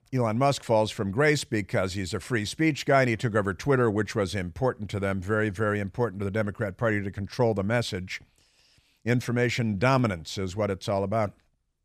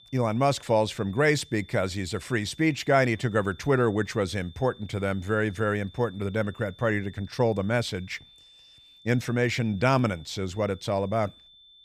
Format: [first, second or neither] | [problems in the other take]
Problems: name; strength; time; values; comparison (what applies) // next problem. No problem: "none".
first | high-pitched whine; faint; throughout; 3.5 kHz, 25 dB below the speech